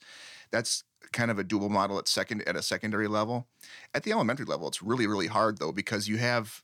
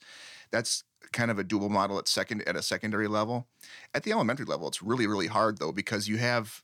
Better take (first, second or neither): neither